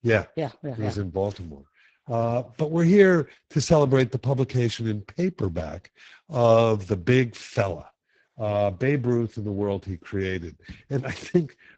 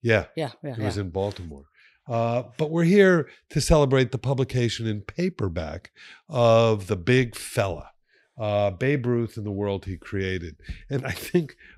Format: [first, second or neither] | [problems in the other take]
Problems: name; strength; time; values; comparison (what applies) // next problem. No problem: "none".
second | garbled, watery; badly; nothing above 7.5 kHz